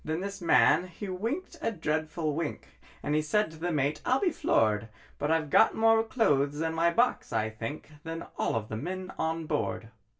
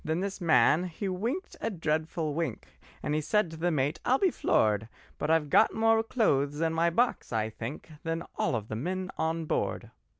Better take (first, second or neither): second